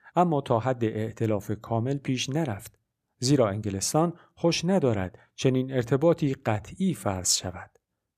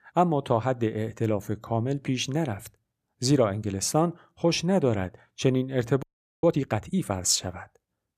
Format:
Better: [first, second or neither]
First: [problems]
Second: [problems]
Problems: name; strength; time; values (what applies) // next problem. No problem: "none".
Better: first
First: none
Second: audio freezing; at 6 s